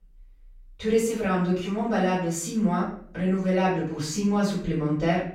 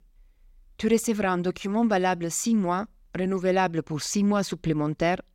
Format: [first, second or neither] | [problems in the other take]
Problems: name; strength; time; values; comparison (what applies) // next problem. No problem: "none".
second | room echo; noticeable; dies away in 0.5 s // off-mic speech; far